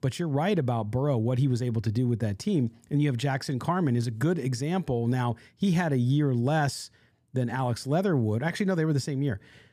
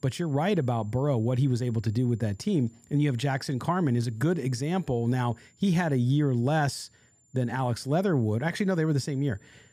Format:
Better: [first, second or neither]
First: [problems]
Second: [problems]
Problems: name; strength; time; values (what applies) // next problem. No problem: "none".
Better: first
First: none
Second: high-pitched whine; faint; throughout; 7 kHz, 35 dB below the speech